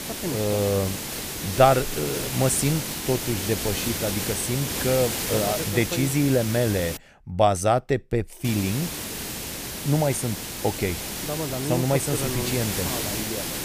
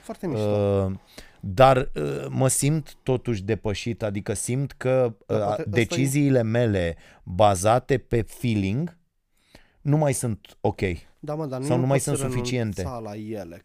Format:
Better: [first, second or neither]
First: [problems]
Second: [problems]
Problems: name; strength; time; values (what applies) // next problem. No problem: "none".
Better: second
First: hiss; loud; until 7 s and from 8.5 s on; 4 dB below the speech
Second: none